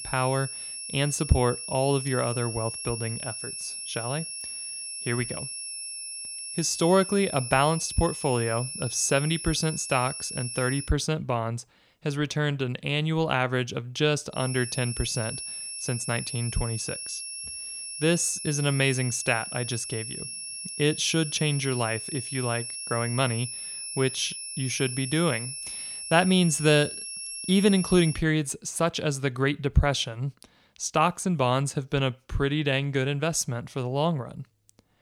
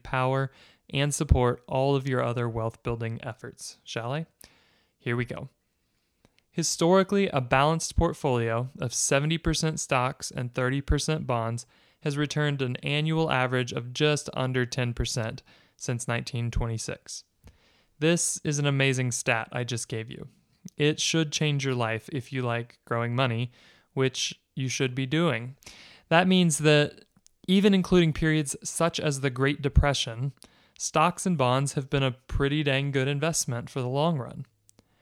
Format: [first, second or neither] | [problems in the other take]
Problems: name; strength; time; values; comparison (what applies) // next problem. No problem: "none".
second | high-pitched whine; loud; until 11 s and from 14 to 28 s; 10.5 kHz, 7 dB below the speech